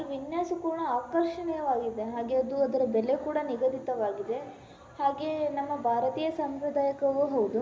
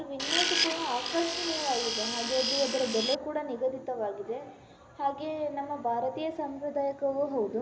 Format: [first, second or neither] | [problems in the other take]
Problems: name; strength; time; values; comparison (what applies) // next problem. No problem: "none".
first | background sound (Tools); as loud as the speech